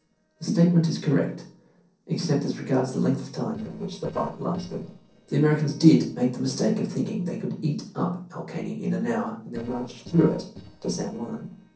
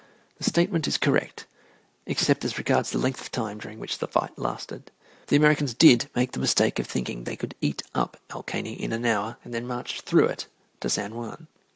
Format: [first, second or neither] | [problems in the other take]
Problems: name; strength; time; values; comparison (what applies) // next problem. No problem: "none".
second | noise reduction (neural separator model SepFormer DNS4)